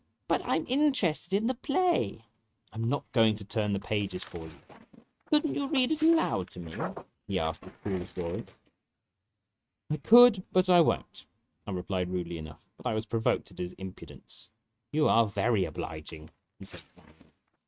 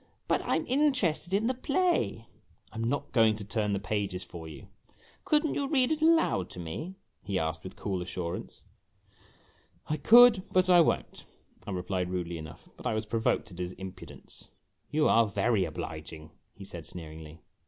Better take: second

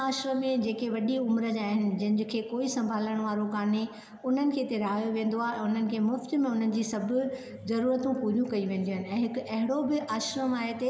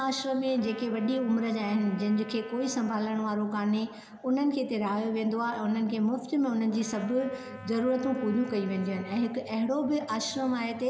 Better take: first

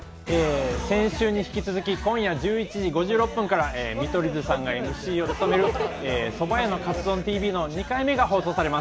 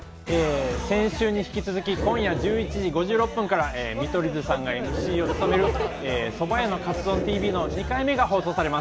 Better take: first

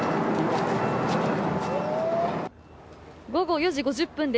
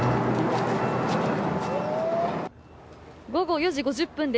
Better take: first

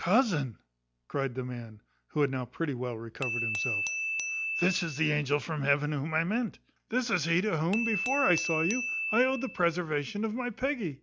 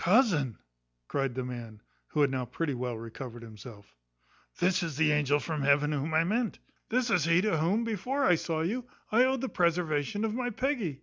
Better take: second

